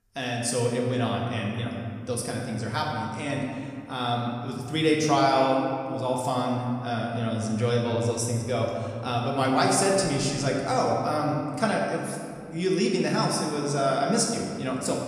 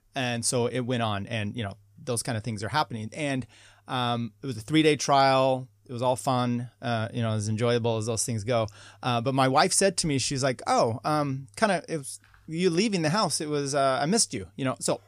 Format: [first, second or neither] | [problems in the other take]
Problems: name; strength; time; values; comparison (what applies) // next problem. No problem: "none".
second | room echo; noticeable; dies away in 1.9 s // off-mic speech; somewhat distant